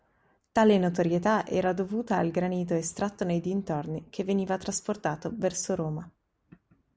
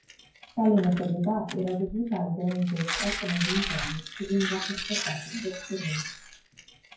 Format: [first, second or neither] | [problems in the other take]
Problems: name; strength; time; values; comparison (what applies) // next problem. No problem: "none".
first | noise reduction (classical method WPE with log-MMSE)